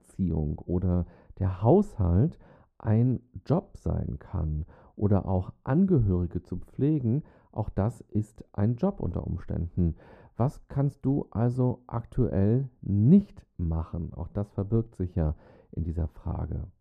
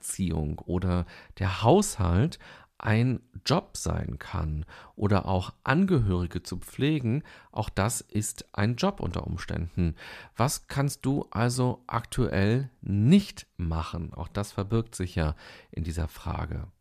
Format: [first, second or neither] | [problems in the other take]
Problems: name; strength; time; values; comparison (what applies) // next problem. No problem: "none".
second | muffled; very; fading above 1.5 kHz